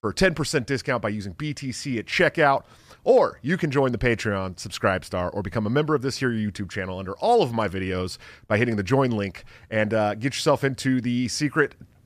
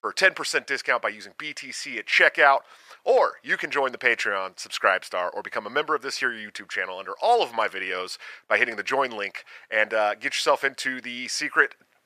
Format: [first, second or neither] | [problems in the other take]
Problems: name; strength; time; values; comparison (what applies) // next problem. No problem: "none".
first | thin; very; fading below 600 Hz